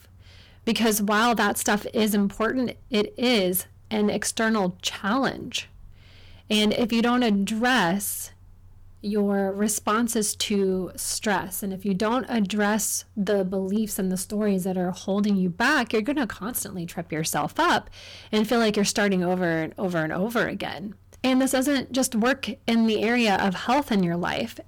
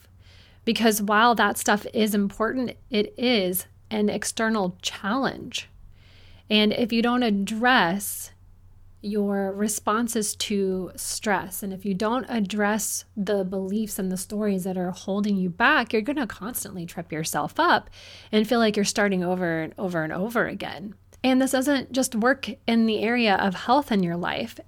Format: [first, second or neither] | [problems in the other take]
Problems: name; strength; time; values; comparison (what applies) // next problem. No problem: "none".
second | distortion; slight; 7% of the sound clipped